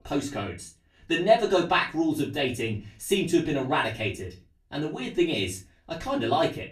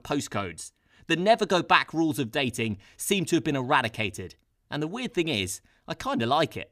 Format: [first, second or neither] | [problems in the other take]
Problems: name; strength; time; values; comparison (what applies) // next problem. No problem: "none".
second | off-mic speech; far // room echo; very slight; dies away in 0.3 s